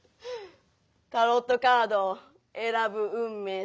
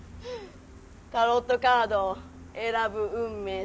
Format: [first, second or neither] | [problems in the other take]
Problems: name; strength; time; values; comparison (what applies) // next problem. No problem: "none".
first | background sound (Gull, seagull); 18 dB below the speech